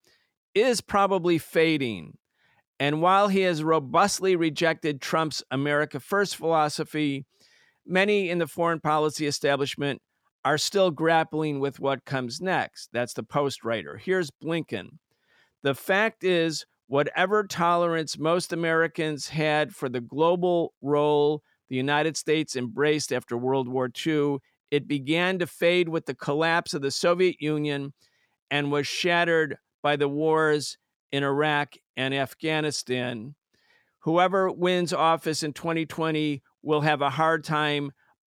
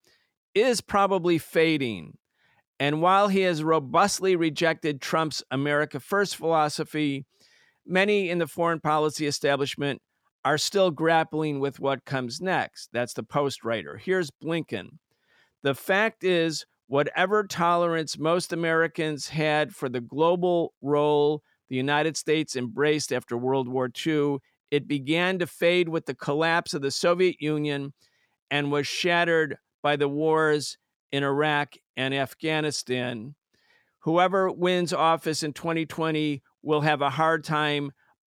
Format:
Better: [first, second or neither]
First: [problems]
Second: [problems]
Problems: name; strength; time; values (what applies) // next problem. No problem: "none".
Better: neither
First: none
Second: none